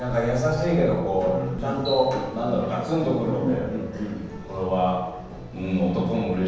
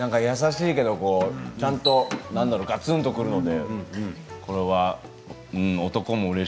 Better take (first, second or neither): second